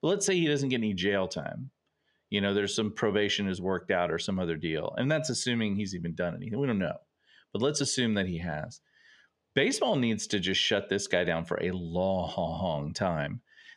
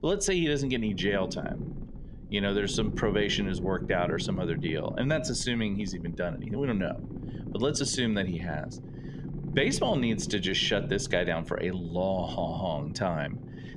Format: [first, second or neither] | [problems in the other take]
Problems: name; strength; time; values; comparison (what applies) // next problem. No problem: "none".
first | low rumble; noticeable; throughout; 15 dB below the speech